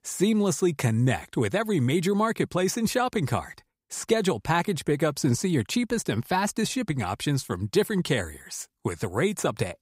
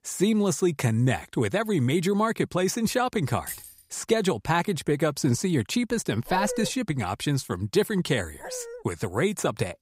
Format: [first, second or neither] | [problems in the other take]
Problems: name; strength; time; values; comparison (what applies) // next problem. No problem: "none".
first | jangling keys; faint; at 3.5 s; peak 10 dB below the speech // dog barking; noticeable; at 6.5 s; peak 7 dB below the speech // dog barking; faint; at 8.5 s; peak 15 dB below the speech